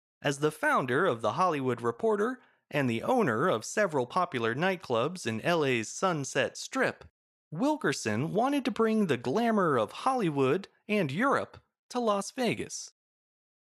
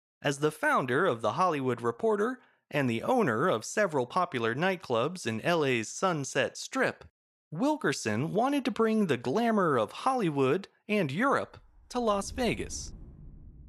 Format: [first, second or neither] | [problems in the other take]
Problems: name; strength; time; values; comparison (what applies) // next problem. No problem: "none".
first | dog barking; faint; from 12 s on; peak 15 dB below the speech